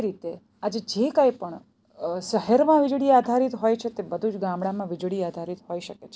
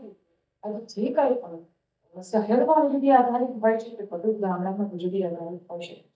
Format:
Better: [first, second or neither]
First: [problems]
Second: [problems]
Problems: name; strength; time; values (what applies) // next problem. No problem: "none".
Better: first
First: none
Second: noise reduction (neural mask model DeepFilterNet 3)